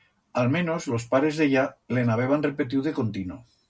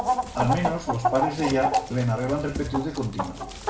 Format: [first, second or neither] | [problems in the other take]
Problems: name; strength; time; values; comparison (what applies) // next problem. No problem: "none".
first | background sound (Chicken, rooster); 1 dB below the speech // room echo; dies away in 0.6 s